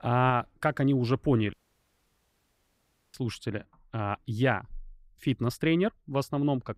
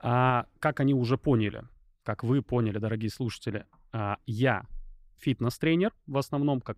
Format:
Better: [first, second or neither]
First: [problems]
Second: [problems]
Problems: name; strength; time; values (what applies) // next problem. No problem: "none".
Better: second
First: audio cutting out; at 1.5 s for 1.5 s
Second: none